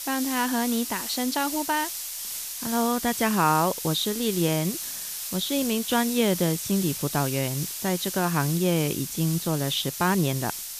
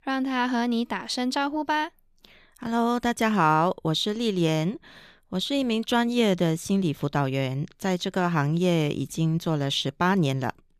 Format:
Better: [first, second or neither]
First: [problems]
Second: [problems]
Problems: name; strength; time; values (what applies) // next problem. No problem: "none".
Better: second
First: hiss; loud; throughout; 5 dB below the speech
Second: none